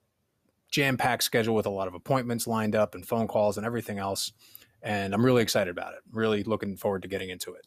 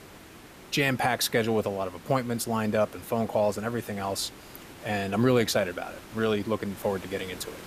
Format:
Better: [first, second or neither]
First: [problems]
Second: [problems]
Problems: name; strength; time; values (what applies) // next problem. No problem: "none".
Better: first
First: none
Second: hiss; noticeable; throughout; 20 dB below the speech